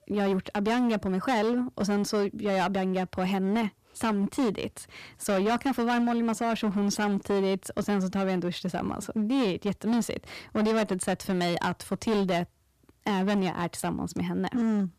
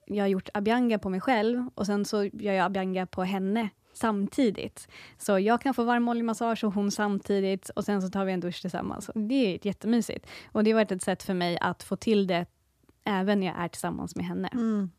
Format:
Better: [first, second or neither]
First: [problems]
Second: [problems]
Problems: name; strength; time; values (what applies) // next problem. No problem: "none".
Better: second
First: distortion; slight; 14% of the sound clipped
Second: none